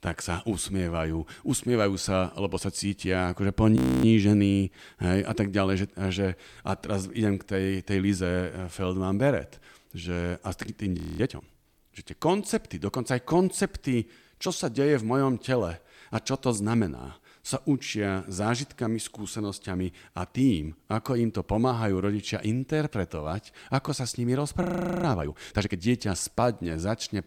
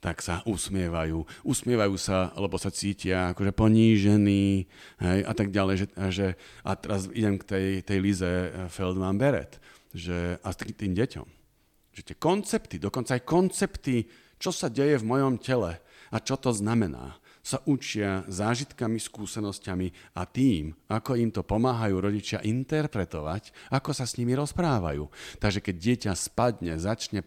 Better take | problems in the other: second | audio freezing; at 4 s, at 11 s and at 25 s

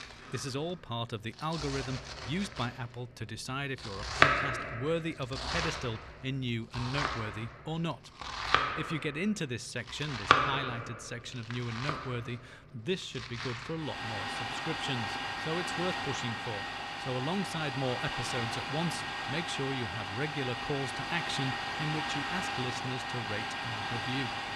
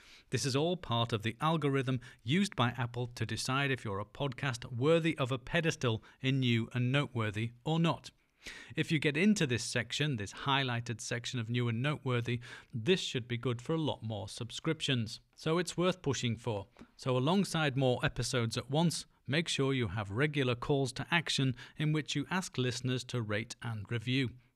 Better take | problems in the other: second | household noises; very loud; throughout; 3 dB above the speech

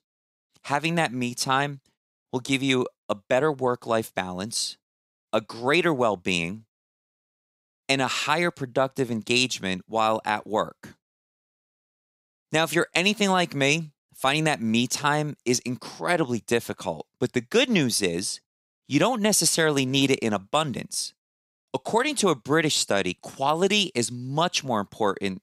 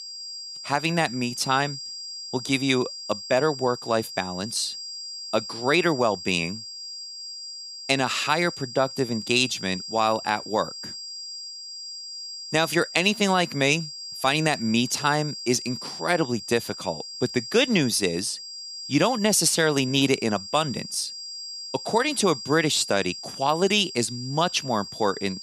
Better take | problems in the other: first | high-pitched whine; noticeable; throughout; 5 kHz, 10 dB below the speech

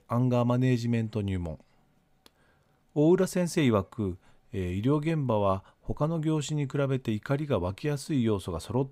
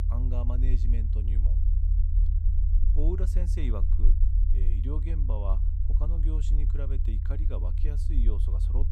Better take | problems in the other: first | low rumble; loud; throughout; 4 dB below the speech

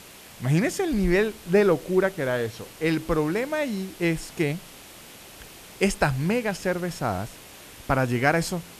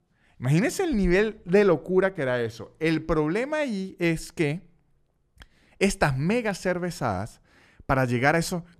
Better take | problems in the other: second | hiss; noticeable; throughout; 20 dB below the speech

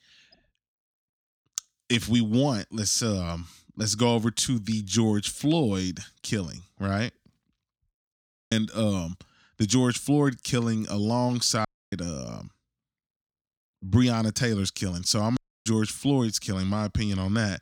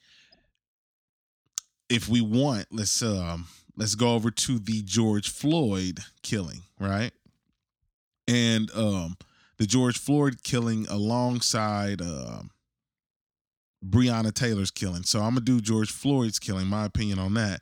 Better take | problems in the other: second | audio cutting out; at 8 s, at 12 s and at 15 s

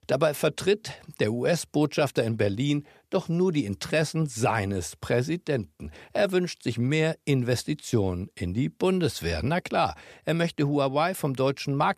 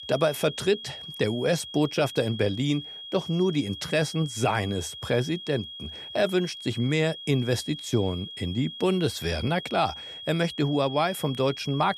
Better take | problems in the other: first | high-pitched whine; noticeable; throughout; 3.5 kHz, 10 dB below the speech

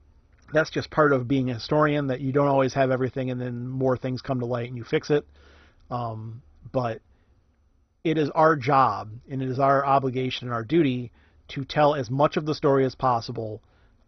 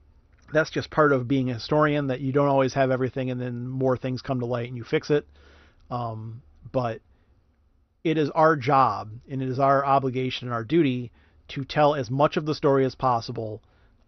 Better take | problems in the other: second | garbled, watery; badly; nothing above 6 kHz; slightly in the second

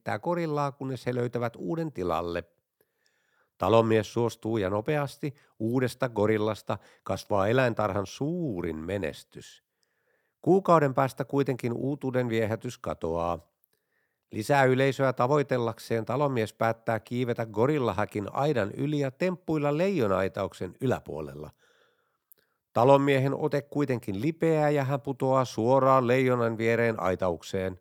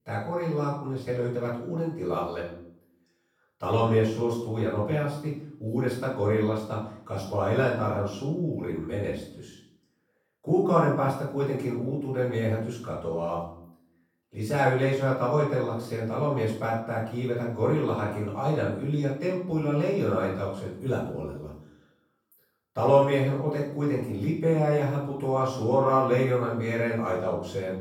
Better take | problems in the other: first | room echo; noticeable; dies away in 0.6 s // off-mic speech; far

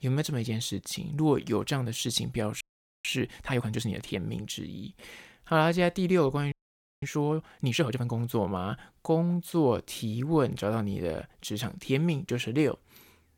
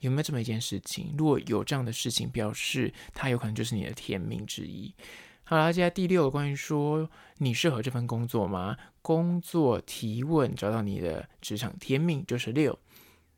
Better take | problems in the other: second | audio freezing; at 2.5 s and at 6.5 s for 0.5 s

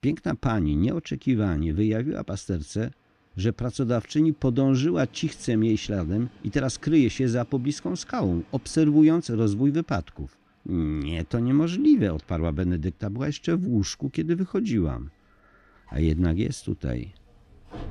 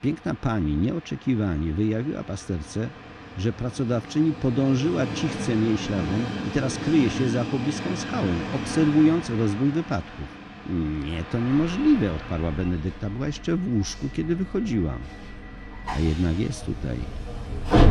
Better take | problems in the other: first | train or aircraft noise; loud; throughout; 8 dB below the speech; faint in the first

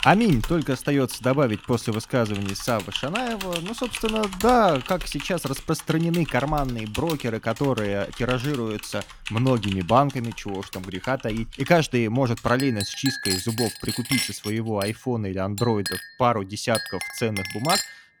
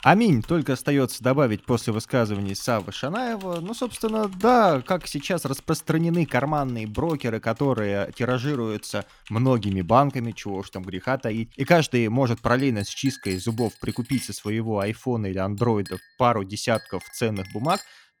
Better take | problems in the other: second | household noises; loud; throughout; 8 dB below the speech; faint in the second

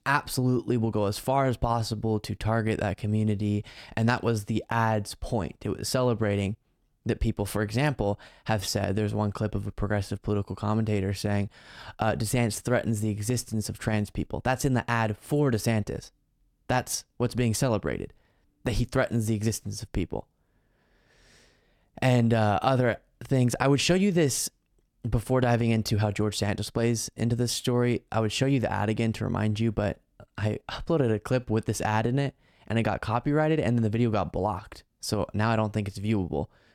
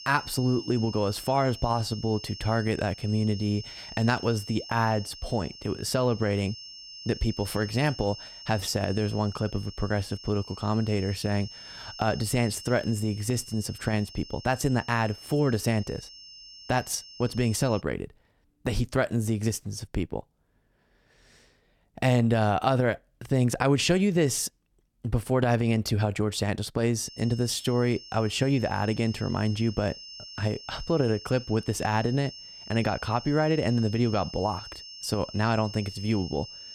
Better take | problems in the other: first | high-pitched whine; noticeable; until 18 s and from 27 s on; 5.5 kHz, 15 dB below the speech

